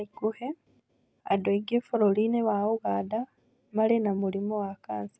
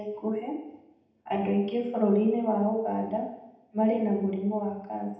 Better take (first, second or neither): first